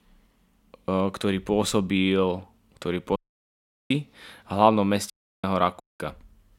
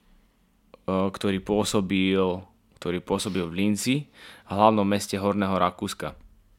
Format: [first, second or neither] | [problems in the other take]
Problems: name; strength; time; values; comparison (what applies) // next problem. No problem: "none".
second | audio cutting out; at 3 s for 0.5 s, at 5 s and at 6 s